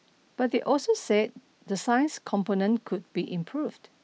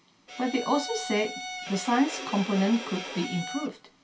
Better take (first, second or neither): first